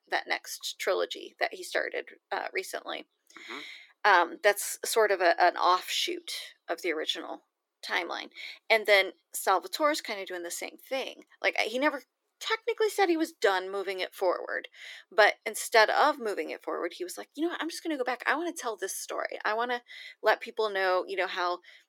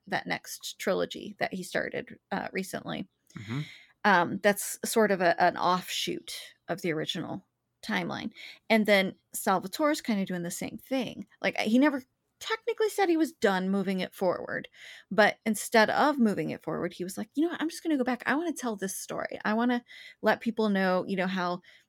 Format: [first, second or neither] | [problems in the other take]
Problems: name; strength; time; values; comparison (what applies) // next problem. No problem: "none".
second | thin; very; fading below 350 Hz